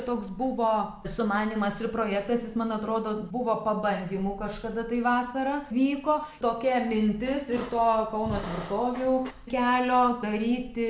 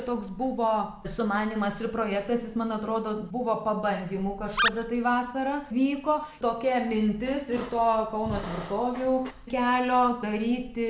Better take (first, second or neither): first